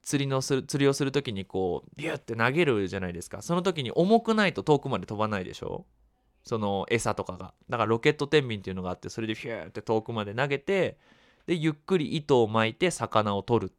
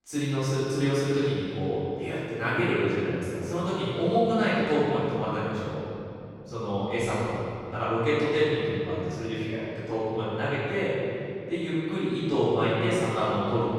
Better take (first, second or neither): first